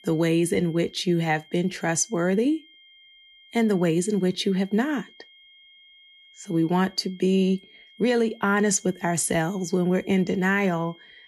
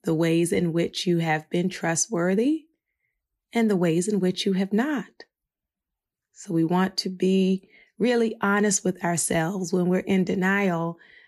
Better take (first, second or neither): second